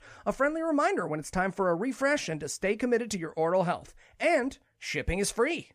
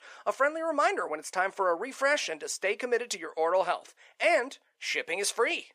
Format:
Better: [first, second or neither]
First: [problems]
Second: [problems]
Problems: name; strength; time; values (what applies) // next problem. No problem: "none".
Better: first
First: none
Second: thin; somewhat; fading below 400 Hz